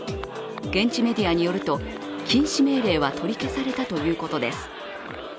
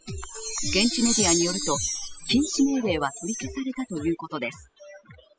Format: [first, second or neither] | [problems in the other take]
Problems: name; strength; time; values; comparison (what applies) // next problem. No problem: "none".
first | noise reduction (classical method spectral subtraction)